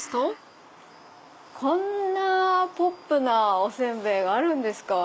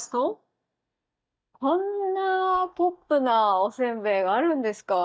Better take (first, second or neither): first